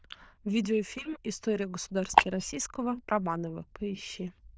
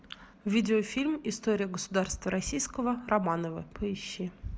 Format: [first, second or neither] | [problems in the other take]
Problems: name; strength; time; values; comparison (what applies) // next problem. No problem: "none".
second | noise reduction (neural diffusion model UNIVERSE++)